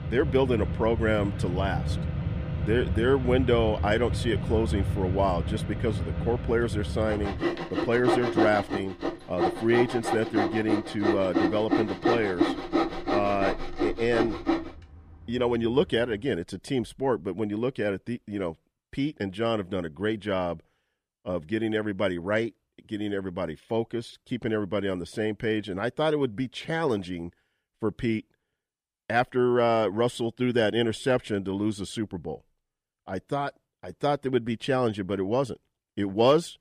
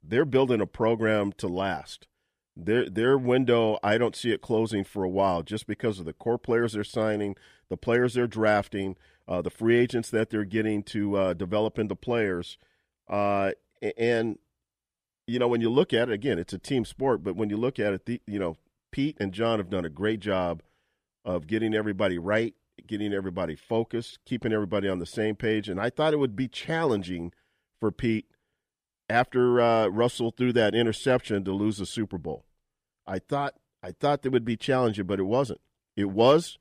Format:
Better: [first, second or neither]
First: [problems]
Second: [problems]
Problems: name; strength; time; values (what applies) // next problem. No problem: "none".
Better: second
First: machinery noise; loud; until 16 s; 2 dB below the speech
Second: none